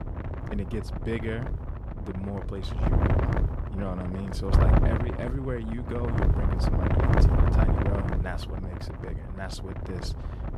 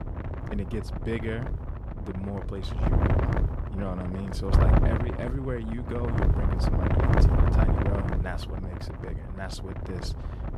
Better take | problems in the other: neither | wind noise on the microphone; heavy; 3 dB above the speech; the same in both

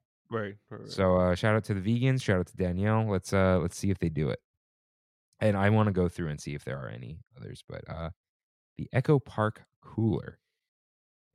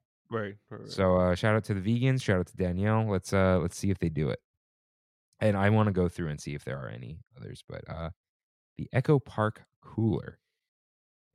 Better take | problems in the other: neither | none

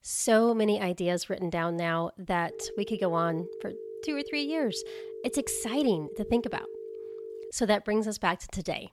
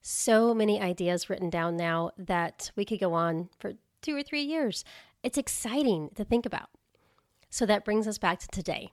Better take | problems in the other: second | phone ringing; faint; from 2.5 to 7.5 s; peak 10 dB below the speech

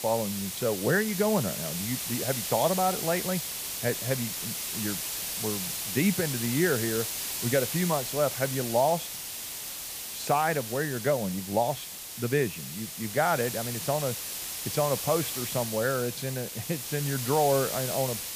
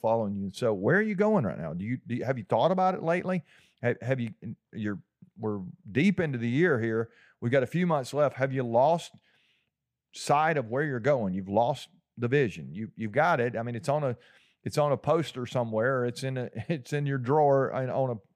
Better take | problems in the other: second | hiss; loud; throughout; 3 dB below the speech

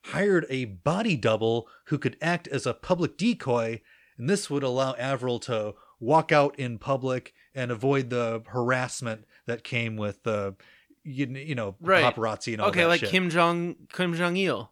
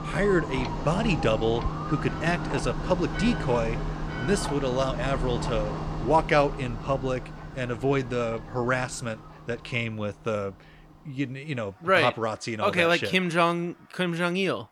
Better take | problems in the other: first | household noises; loud; throughout; 6 dB below the speech

